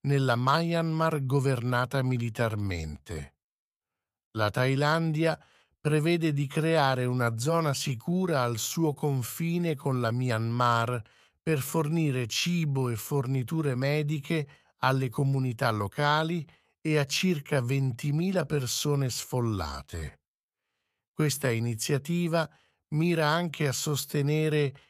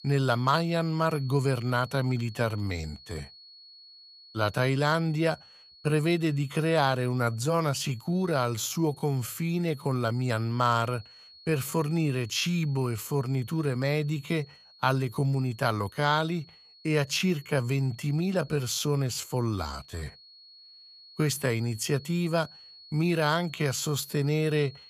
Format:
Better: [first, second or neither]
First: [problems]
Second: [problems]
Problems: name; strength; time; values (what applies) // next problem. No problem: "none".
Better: first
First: none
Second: high-pitched whine; faint; throughout; 4.5 kHz, 20 dB below the speech